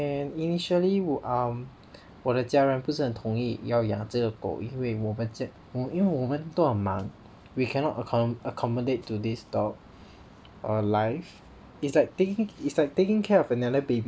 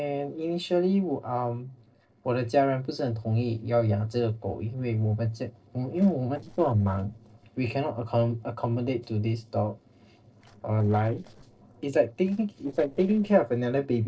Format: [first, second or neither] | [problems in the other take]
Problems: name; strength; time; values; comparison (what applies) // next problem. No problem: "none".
first | noise reduction (neural separator model SepFormer DNS4)